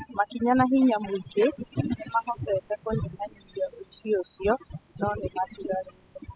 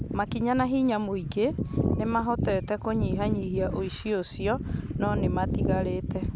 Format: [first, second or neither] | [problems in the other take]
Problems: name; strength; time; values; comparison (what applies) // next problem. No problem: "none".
second | noise reduction (classical method spectral subtraction)